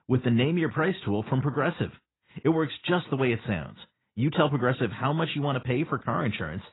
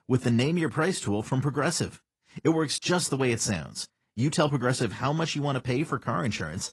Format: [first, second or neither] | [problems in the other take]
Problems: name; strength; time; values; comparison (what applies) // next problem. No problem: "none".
second | garbled, watery; badly; nothing above 4 kHz; slightly in the second